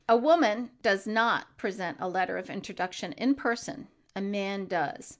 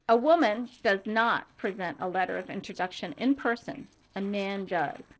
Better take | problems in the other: first | noise reduction (neural separator model SepFormer DNS4)

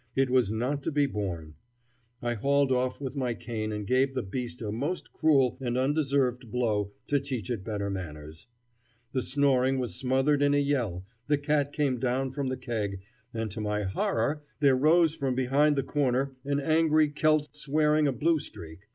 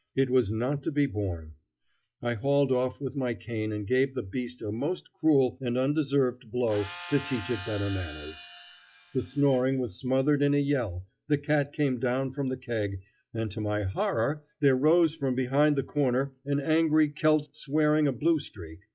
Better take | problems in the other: first | noise reduction (classical method log-MMSE)

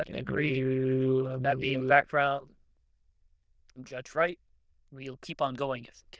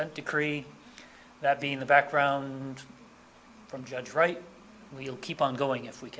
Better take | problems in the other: second | noise reduction (neural diffusion model UNIVERSE++)

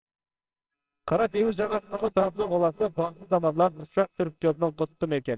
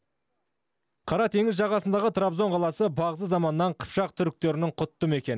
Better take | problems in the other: second | noise reduction (neural separator model SepFormer WHAMR!)

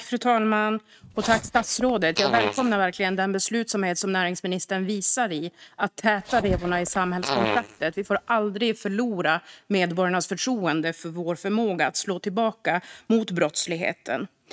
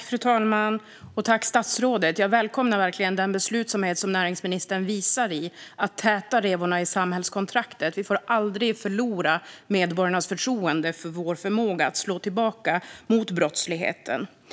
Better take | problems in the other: second | noise reduction (neural mask model RNNoise)

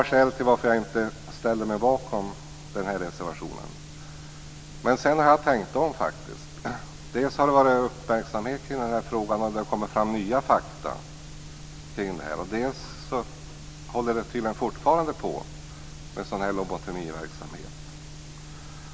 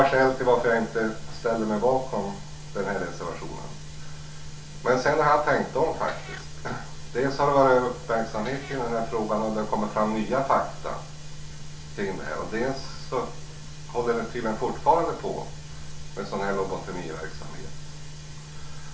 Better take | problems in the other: first | background sound (Meow); 18 dB below the speech // room echo; dies away in 0.3 s

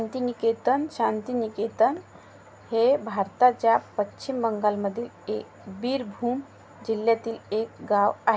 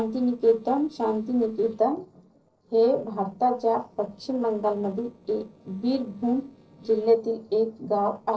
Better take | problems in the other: first | noise reduction (neural separator model SepFormer DNS4)

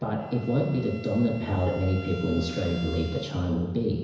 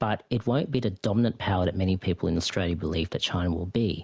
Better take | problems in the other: second | background sound (Bowed string instrument); 18 dB below the speech // room echo; dies away in 1 s

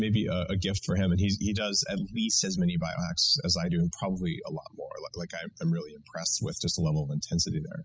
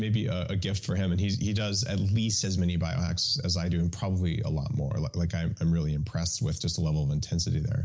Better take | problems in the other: second | noise reduction (classical method spectral subtraction)

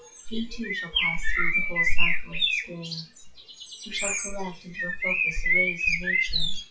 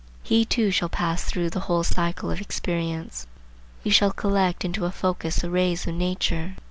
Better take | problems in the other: second | noise reduction (classical method WPE with log-MMSE)

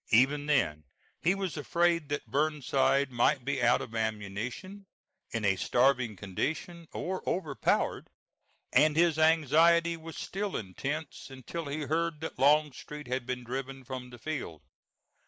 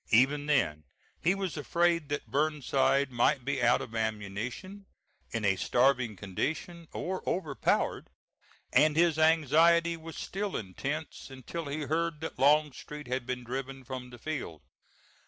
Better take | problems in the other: second | noise reduction (neural mask model Resemble Enhance denoiser)

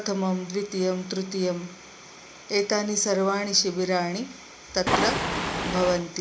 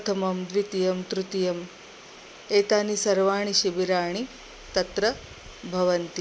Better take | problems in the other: second | background sound (Waves, surf); as loud as the speech // room echo; dies away in 0.4 s

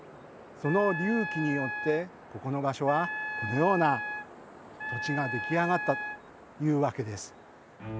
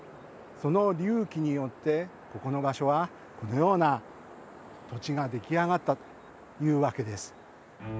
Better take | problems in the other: second | background sound (Wind instrument, woodwind instrument); 6 dB below the speech

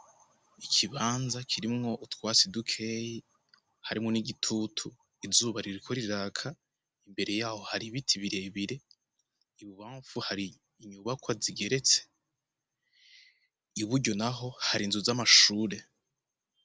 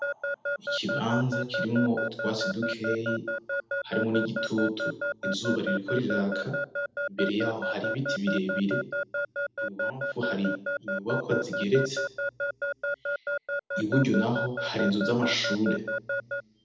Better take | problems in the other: first | background sound (Alarm / Keyboard (musical)); 2 dB below the speech // room echo; dies away in 0.7 s

